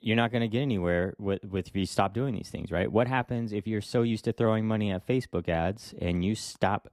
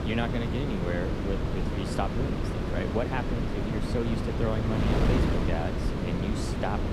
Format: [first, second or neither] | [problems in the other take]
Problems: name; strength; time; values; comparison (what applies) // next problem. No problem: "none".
first | wind noise on the microphone; heavy; as loud as the speech